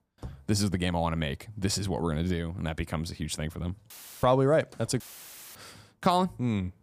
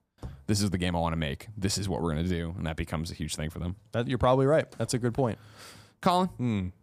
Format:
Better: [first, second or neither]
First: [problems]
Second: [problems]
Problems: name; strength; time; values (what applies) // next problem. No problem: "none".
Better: second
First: audio cutting out; filled with static; at 4 s and at 5 s for 0.5 s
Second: none